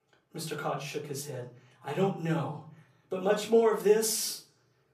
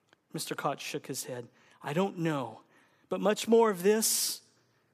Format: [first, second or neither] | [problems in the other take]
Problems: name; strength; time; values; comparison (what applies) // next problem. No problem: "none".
second | off-mic speech; far // room echo; slight; dies away in 0.4 s